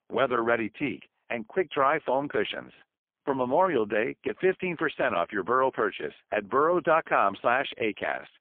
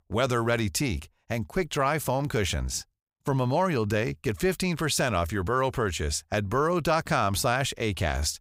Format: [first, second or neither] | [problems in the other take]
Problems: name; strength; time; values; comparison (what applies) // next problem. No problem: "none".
second | phone-call audio; poor line; nothing above 3.5 kHz